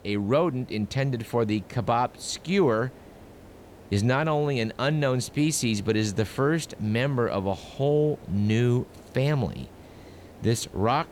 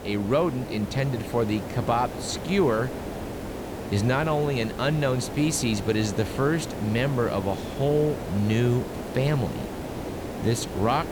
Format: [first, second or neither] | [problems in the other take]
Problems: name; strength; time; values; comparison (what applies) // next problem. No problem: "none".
first | hiss; loud; throughout; 8 dB below the speech; faint in the first